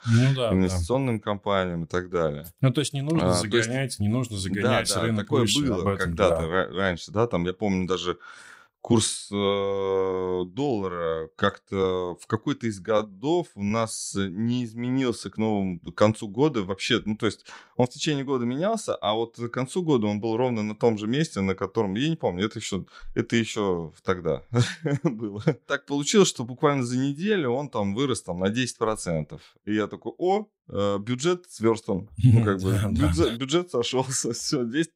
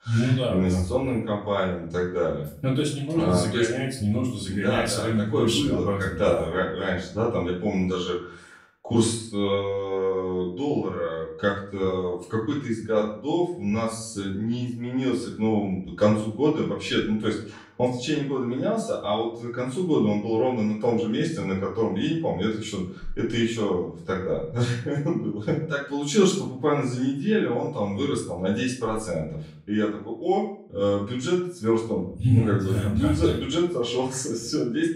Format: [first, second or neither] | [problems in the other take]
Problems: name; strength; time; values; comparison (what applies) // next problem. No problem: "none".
first | room echo; noticeable; dies away in 0.5 s // off-mic speech; far